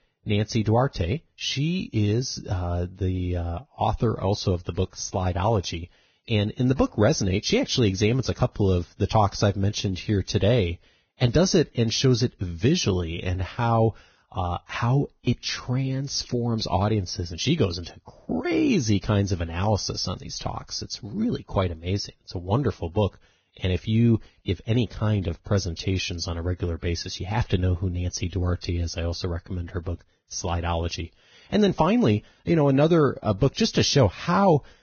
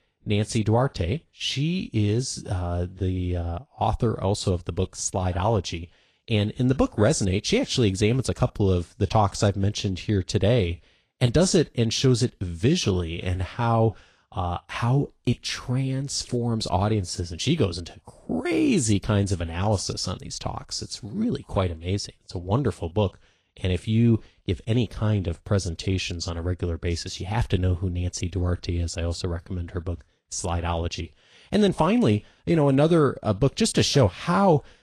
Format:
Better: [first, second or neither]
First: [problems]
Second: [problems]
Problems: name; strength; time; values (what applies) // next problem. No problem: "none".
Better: second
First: garbled, watery; badly; nothing above 6.5 kHz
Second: garbled, watery; slightly